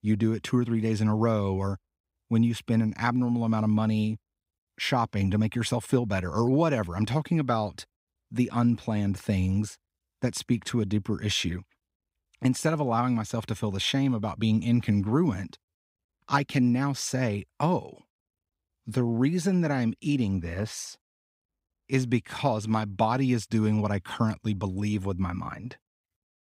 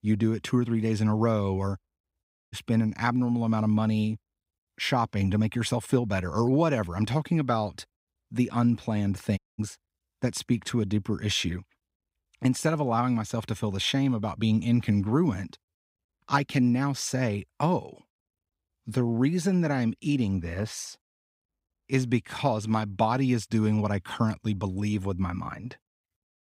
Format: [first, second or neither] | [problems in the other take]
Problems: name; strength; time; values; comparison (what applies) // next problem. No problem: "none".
first | audio cutting out; at 2 s and at 9.5 s